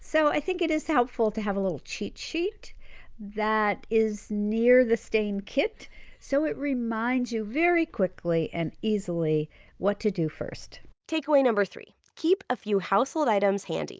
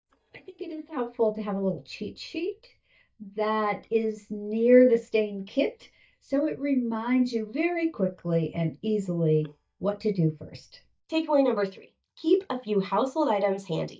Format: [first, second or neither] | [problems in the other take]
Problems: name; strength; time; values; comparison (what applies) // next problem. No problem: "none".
first | noise reduction (neural mask model DeepFilterNet 3)